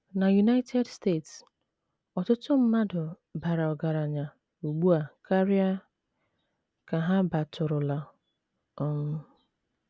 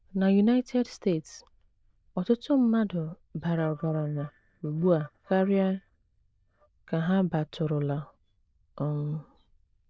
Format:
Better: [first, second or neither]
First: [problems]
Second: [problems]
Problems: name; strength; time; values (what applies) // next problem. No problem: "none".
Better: first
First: none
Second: noise reduction (neural diffusion model UNIVERSE++)